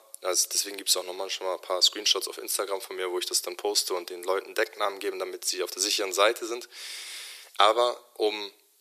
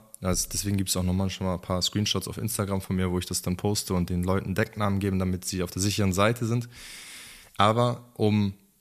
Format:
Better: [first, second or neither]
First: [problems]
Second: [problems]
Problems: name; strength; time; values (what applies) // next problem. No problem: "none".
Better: second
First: thin; very; fading below 350 Hz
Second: none